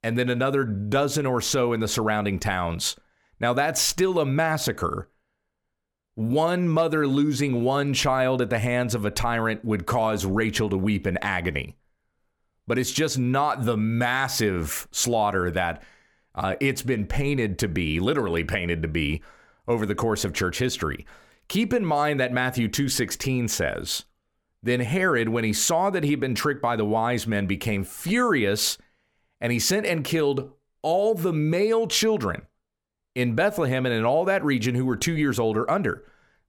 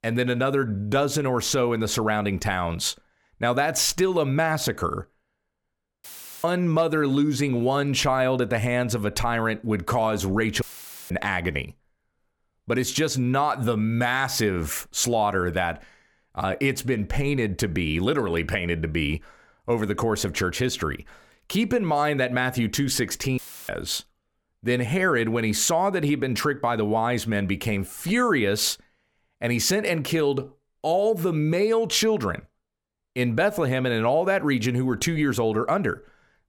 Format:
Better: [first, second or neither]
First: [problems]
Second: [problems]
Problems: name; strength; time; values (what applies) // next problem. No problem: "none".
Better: first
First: none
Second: audio cutting out; filled with static; at 6 s, at 11 s and at 23 s